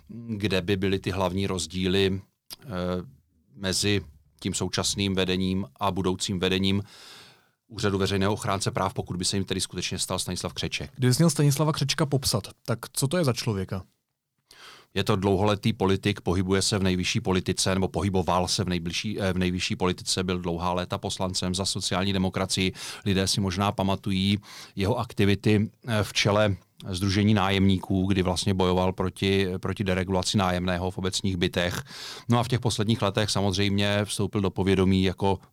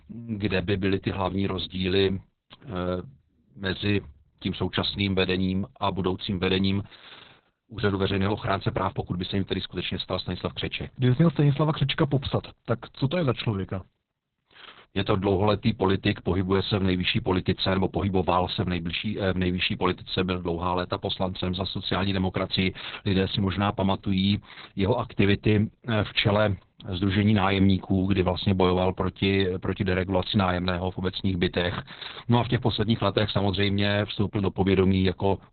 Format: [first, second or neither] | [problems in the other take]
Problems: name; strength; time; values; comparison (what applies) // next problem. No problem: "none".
first | garbled, watery; badly; nothing above 4 kHz